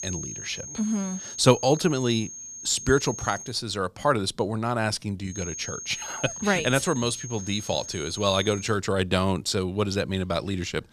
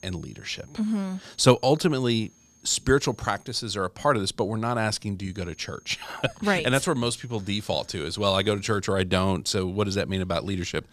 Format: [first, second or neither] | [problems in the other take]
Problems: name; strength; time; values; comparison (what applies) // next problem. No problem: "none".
second | high-pitched whine; loud; until 3.5 s and from 5.5 to 8.5 s; 6.5 kHz, 10 dB below the speech; faint in the second